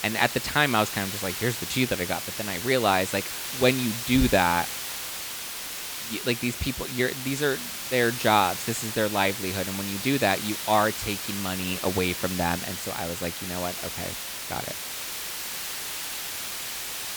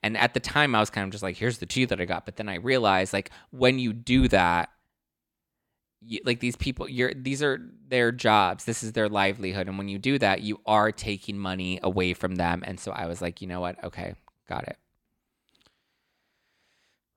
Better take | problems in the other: second | hiss; loud; throughout; 5 dB below the speech

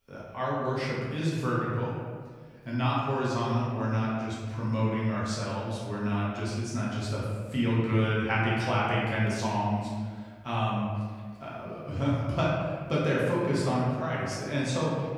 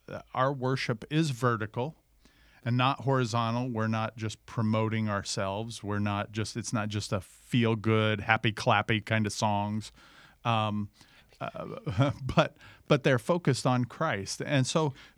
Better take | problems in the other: second | room echo; strong; dies away in 1.6 s // off-mic speech; far

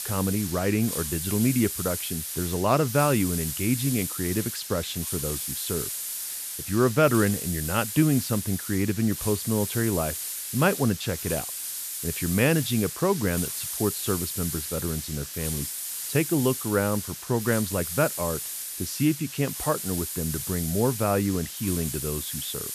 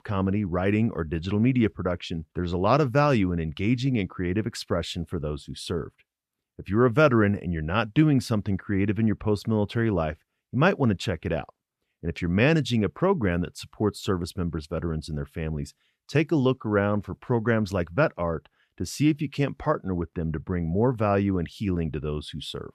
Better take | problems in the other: second | hiss; loud; throughout; 4 dB below the speech

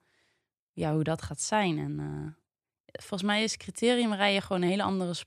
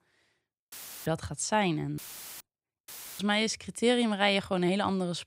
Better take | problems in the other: first | audio cutting out; filled with static; at 0.5 s, at 2 s and at 3 s

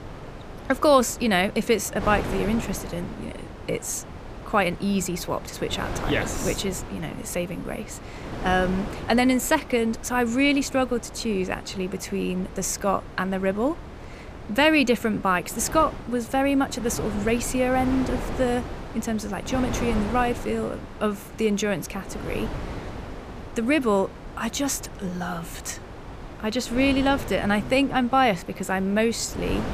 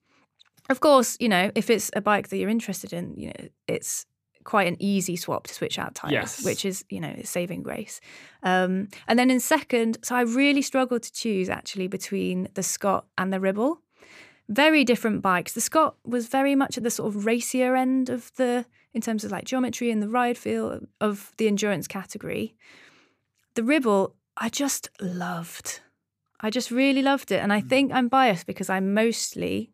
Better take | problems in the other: second | wind noise on the microphone; occasional gusts; 15 dB below the speech

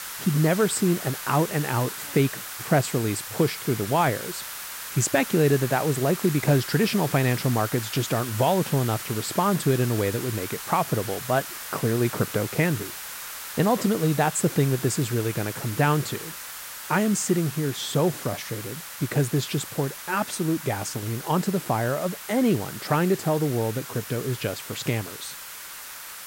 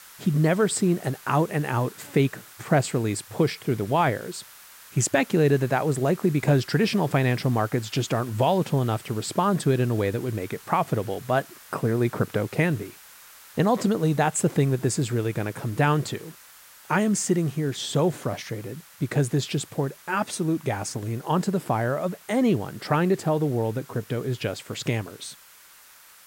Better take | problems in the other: second | hiss; loud; throughout; 9 dB below the speech; faint in the second

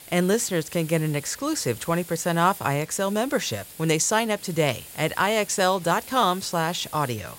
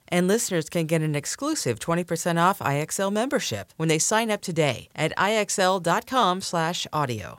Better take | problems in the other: second | hiss; noticeable; throughout; 15 dB below the speech

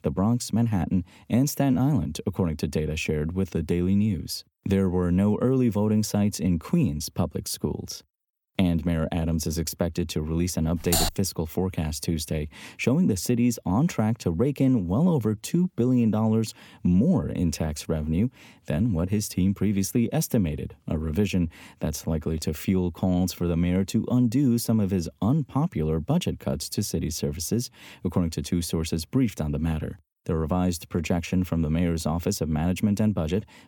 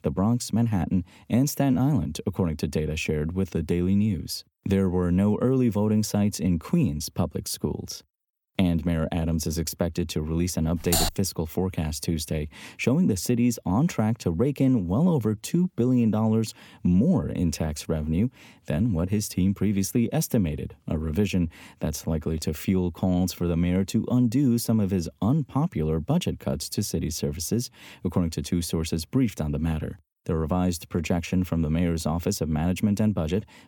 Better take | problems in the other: neither | keyboard typing; loud; at 11 s; peak 1 dB above the speech; the same in both

